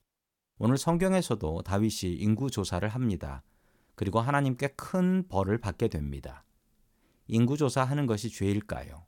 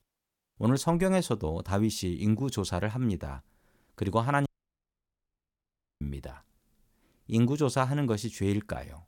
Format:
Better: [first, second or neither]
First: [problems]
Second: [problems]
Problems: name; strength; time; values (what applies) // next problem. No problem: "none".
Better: first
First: none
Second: audio cutting out; at 4.5 s for 1.5 s